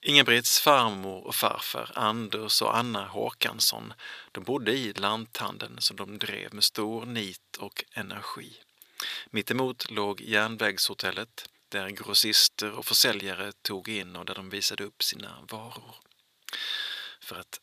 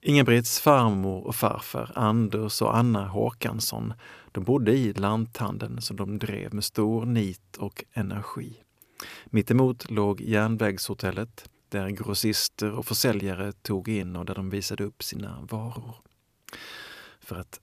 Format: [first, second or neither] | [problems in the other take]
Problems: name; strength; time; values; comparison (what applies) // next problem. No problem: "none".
second | thin; somewhat; fading below 850 Hz